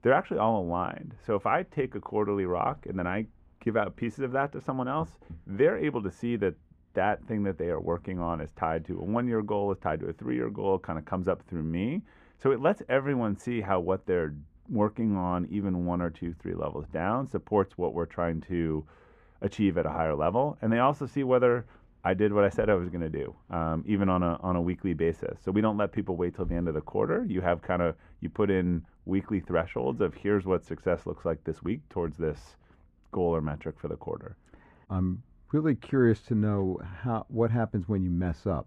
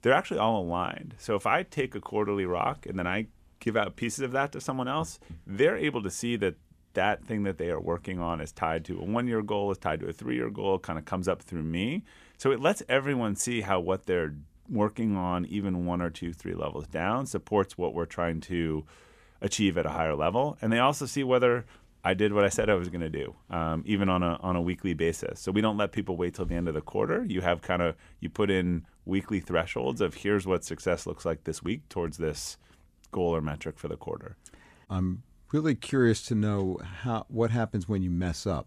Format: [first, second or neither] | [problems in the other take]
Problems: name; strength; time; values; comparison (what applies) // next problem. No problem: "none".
second | muffled; very; fading above 3 kHz